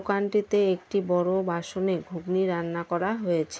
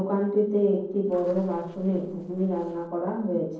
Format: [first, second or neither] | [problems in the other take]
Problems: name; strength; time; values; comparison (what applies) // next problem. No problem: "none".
first | noise reduction (neural separator model SepFormer DNS4)